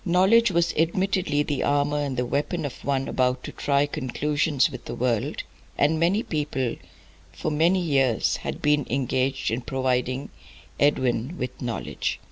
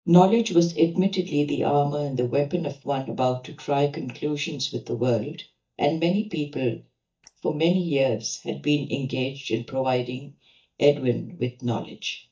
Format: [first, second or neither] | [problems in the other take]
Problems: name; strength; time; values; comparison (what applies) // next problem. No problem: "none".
first | noise reduction (neural mask model DeepFilterNet 3)